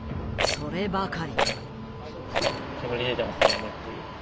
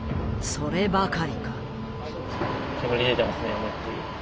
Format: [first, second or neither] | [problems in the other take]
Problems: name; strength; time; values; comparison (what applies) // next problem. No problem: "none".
second | background sound (Rattle); 1 dB above the speech